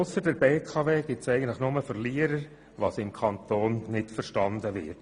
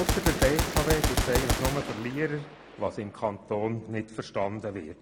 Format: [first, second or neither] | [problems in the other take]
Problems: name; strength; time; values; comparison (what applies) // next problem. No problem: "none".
first | background sound (Gunshot, gunfire); as loud as the speech